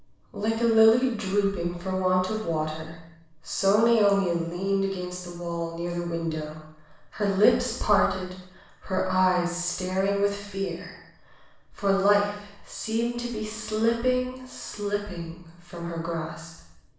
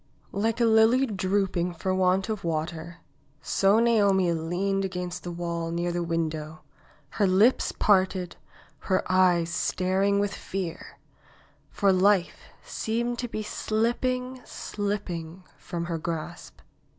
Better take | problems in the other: second | room echo; dies away in 0.7 s

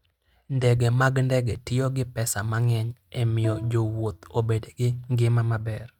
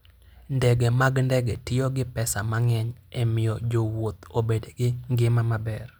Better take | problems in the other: second | noise reduction (neural mask model RNNoise)

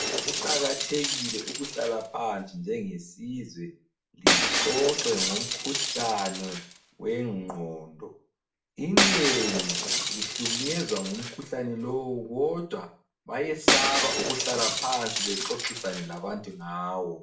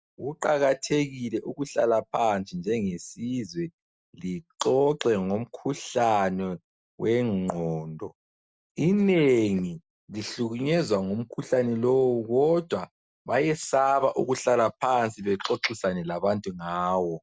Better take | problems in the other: second | background sound (Shatter); 2 dB above the speech // room echo; dies away in 0.4 s

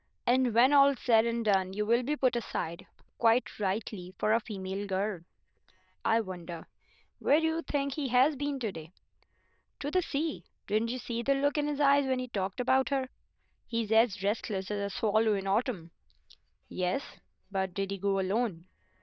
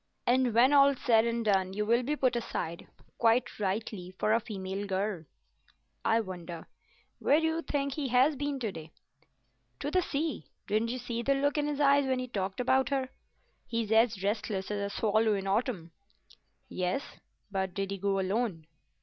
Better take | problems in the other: second | noise reduction (neural diffusion model UNIVERSE++)

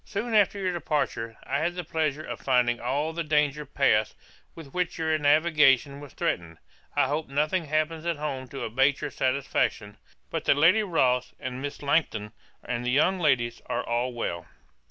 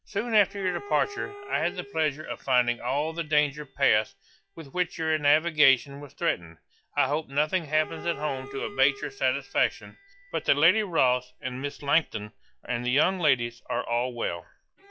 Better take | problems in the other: first | noise reduction (classical method log-MMSE)

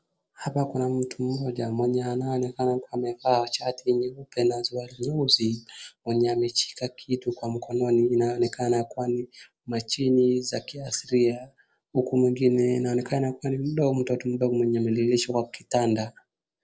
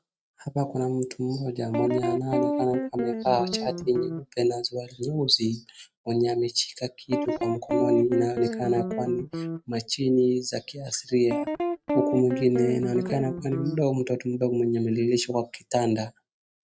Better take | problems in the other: first | noise reduction (neural mask model RNNoise)

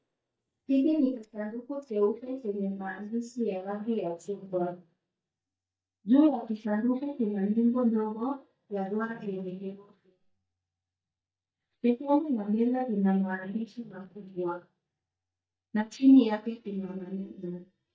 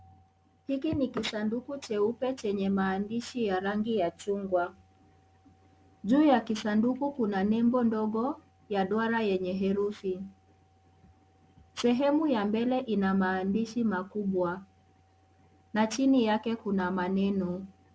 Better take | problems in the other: second | noise reduction (neural mask model DeepFilterNet 3)

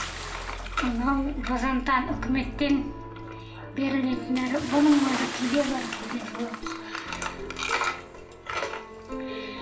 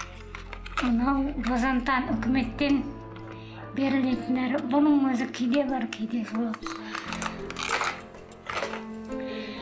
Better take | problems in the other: second | background sound (Bathtub (filling or washing) / Splash, splatter); 13 dB below the speech // room echo; dies away in 0.7 s

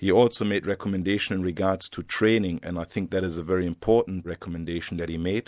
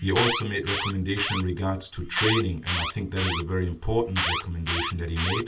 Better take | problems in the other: first | background sound (Alarm); 4 dB below the speech // room echo; dies away in 0.2 s

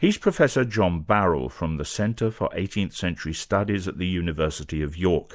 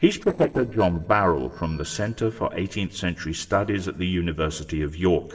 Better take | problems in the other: first | noise reduction (neural separator model SepFormer DNS4)

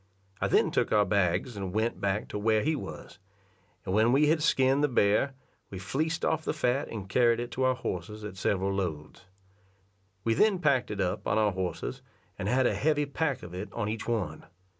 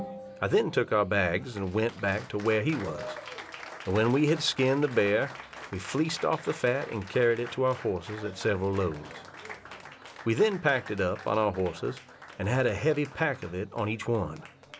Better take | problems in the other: first | background sound (Applause); 16 dB below the speech

